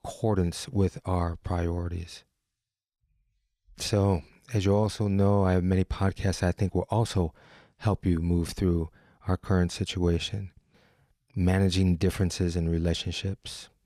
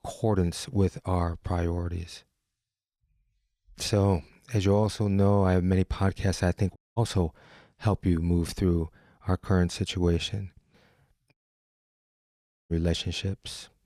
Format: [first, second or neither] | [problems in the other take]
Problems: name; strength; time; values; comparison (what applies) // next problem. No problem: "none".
first | audio cutting out; at 7 s and at 11 s for 1.5 s